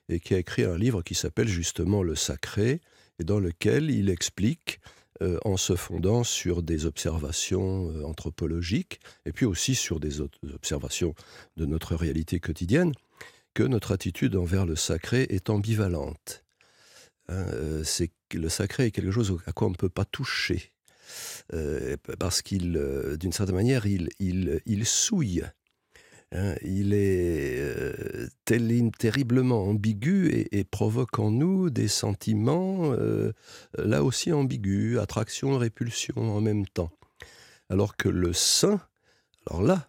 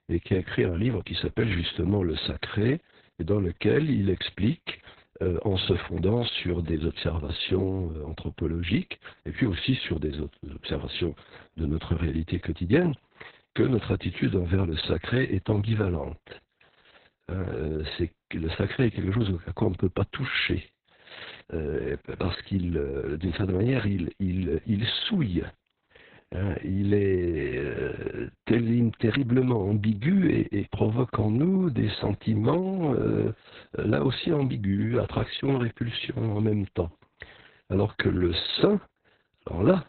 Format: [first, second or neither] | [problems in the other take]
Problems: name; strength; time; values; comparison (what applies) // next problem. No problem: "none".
first | garbled, watery; badly; nothing above 4 kHz